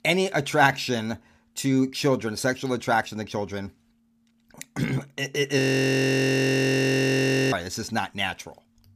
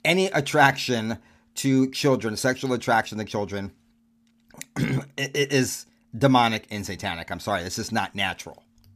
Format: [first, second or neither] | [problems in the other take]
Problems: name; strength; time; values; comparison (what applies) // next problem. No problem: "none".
second | audio freezing; at 5.5 s for 2 s